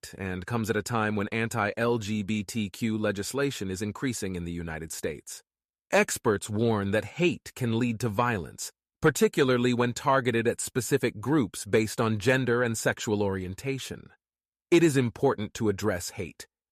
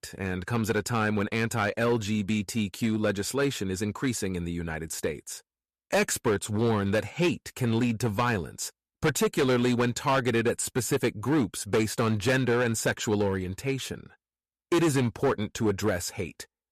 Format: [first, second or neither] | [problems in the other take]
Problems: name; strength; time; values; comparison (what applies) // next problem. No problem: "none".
first | distortion; slight; 7% of the sound clipped